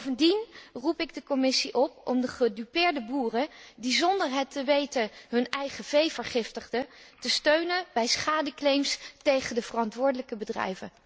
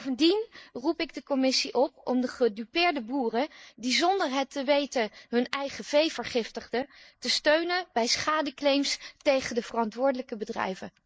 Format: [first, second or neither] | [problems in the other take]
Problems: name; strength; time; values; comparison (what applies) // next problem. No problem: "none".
first | noise reduction (neural mask model Resemble Enhance denoiser)